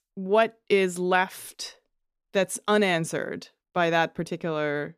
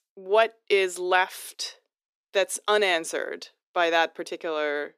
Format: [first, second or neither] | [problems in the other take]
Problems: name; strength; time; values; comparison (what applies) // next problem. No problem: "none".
first | thin; very; fading below 350 Hz